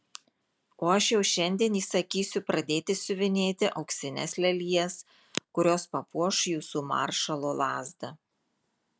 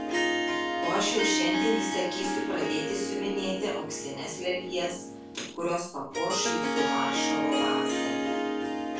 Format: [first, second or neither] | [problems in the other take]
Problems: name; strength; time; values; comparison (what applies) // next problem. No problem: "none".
first | background sound (Harp); 2 dB above the speech // room echo; dies away in 0.3 s